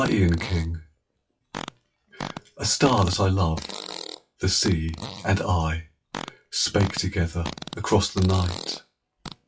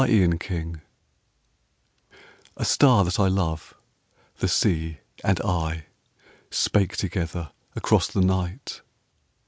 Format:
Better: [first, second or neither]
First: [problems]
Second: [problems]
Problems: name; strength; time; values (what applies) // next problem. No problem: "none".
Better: second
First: noise reduction (classical method WPE with log-MMSE)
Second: none